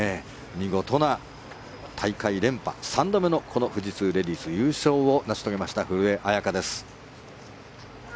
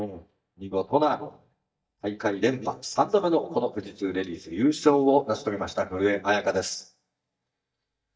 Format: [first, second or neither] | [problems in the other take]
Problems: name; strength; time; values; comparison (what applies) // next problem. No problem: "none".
first | noise reduction (neural mask model DeepFilterNet 3)